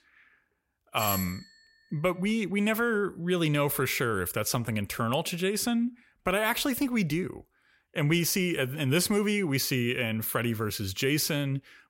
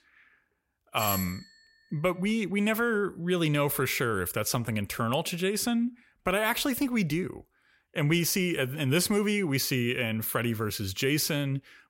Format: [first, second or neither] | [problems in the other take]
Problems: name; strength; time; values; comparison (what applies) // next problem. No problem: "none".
neither | doorbell; noticeable; at 1 s; peak 3 dB below the speech; the same in both